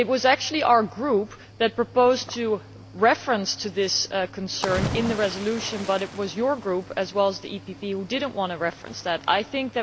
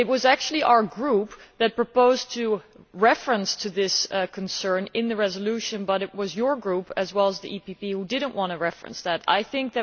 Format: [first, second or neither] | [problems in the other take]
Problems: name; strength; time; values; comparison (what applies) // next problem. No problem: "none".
second | background sound (Cricket / Waves, surf); 14 dB below the speech